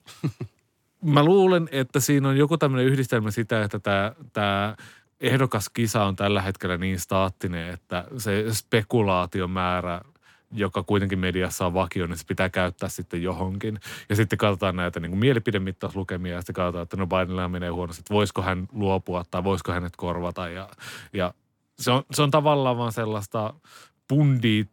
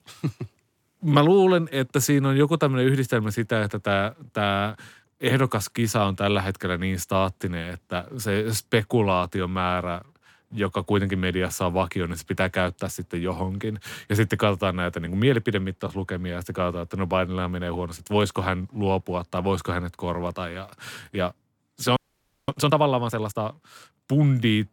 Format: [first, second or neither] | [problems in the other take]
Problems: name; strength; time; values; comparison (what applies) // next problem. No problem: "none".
first | audio freezing; at 22 s for 0.5 s